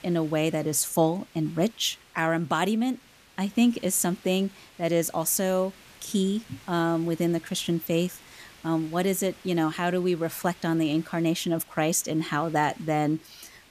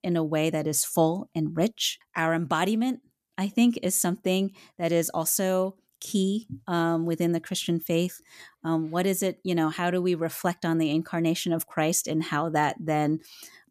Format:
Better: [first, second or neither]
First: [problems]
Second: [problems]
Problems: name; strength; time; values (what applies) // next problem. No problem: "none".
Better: second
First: hiss; faint; throughout; 25 dB below the speech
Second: none